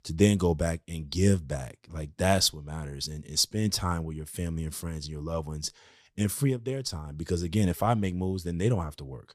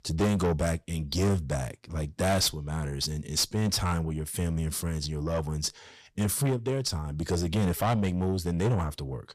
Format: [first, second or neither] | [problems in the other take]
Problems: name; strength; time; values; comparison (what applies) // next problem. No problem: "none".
first | distortion; heavy; 7 dB below the speech